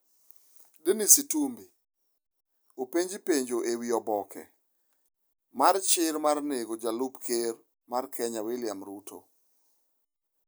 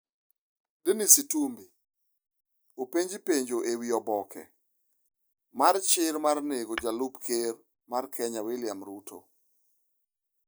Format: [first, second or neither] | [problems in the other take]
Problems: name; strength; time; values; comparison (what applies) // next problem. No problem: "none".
first | noise reduction (neural mask model DeepFilterNet 3)